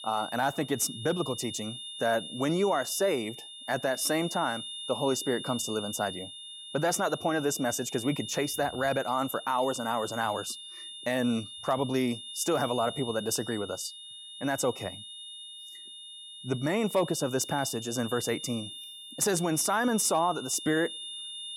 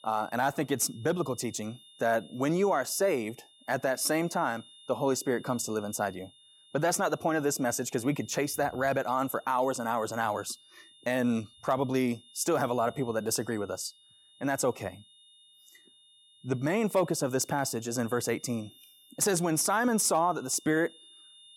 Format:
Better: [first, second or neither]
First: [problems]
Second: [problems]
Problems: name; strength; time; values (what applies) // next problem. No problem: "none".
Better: second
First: high-pitched whine; loud; throughout; 3.5 kHz, 10 dB below the speech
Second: high-pitched whine; faint; throughout; 3.5 kHz, 25 dB below the speech